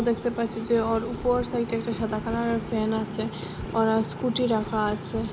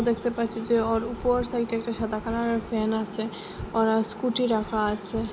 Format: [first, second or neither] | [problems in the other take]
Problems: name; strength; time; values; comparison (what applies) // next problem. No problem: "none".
second | background sound (Motorcycle); 11 dB below the speech